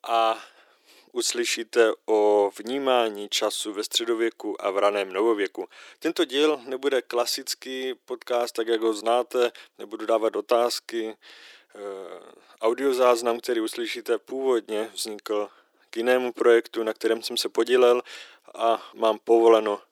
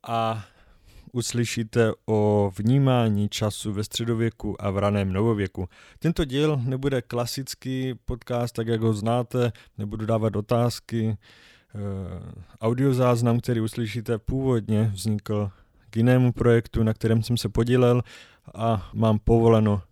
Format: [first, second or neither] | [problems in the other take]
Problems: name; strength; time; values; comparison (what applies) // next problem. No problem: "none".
second | thin; very; fading below 350 Hz